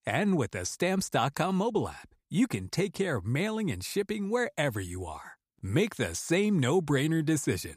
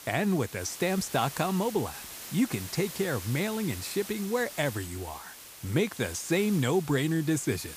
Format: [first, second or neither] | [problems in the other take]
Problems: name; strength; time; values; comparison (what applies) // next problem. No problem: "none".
first | hiss; noticeable; throughout; 10 dB below the speech